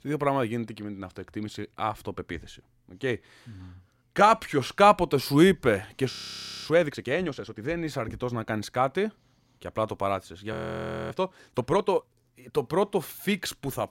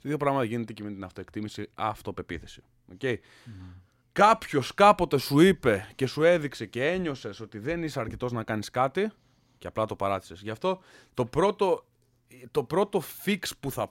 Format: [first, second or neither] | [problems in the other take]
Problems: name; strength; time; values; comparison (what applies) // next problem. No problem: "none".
second | audio freezing; at 6 s for 0.5 s and at 11 s for 0.5 s